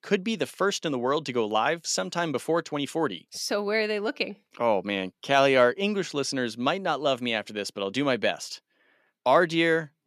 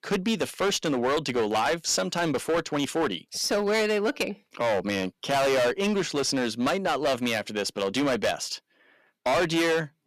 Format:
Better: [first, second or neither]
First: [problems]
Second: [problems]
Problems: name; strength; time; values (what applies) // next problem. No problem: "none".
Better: first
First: none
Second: distortion; heavy; 16% of the sound clipped